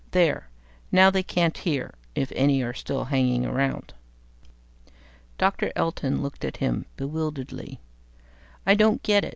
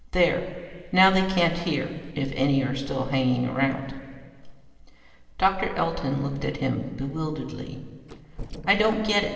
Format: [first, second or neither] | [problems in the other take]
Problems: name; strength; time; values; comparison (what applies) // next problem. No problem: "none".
first | noise reduction (neural separator model SepFormer DNS4)